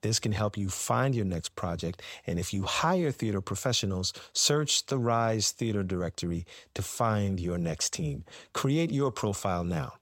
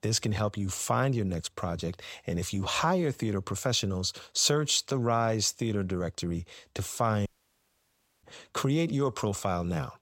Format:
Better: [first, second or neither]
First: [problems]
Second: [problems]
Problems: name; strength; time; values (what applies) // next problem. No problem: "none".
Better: first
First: none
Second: audio cutting out; at 7.5 s for 1 s